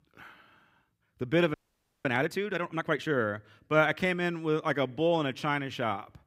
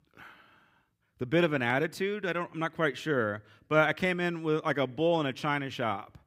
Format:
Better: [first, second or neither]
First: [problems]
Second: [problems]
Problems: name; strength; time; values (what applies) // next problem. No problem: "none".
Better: second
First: audio freezing; at 1.5 s for 0.5 s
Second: none